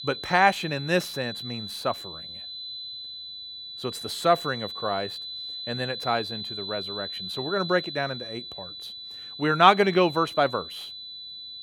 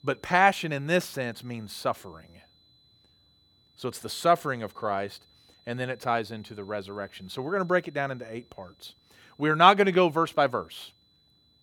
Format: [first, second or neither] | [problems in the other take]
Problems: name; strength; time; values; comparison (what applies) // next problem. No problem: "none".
second | high-pitched whine; loud; throughout; 4 kHz, 9 dB below the speech; faint in the second